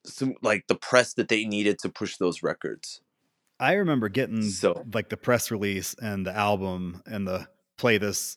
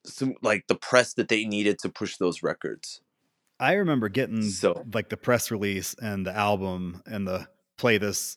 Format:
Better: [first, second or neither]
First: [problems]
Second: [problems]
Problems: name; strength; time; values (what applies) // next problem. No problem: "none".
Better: neither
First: none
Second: none